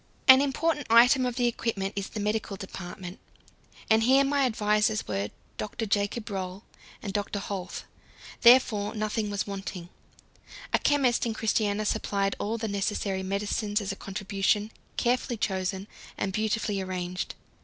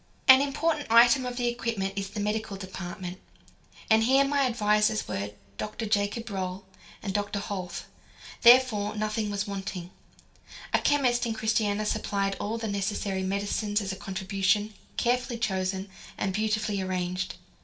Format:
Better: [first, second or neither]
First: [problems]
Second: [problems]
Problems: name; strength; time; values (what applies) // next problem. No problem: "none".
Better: first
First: none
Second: room echo; dies away in 0.5 s